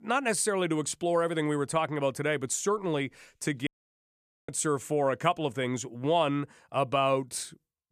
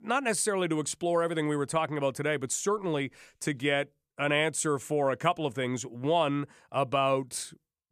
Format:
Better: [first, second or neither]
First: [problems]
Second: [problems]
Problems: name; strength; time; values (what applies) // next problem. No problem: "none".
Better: second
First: audio cutting out; at 3.5 s for 1 s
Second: none